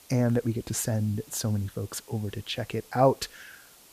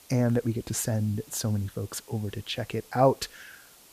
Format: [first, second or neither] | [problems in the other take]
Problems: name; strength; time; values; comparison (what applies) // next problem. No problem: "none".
neither | hiss; faint; throughout; 25 dB below the speech; the same in both